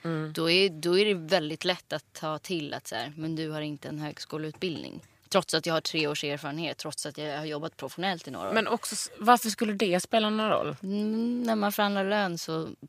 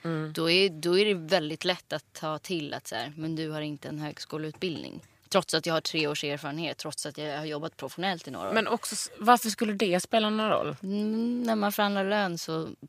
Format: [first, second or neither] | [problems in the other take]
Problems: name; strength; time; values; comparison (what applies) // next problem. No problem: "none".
neither | none